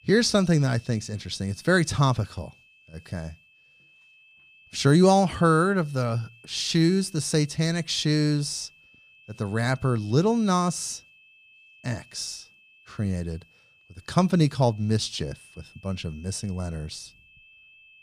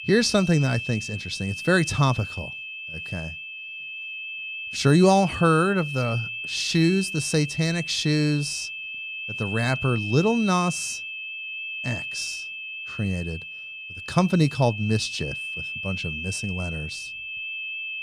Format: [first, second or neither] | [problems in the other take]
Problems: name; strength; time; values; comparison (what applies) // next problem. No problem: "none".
first | high-pitched whine; loud; throughout; 2.5 kHz, 8 dB below the speech; faint in the first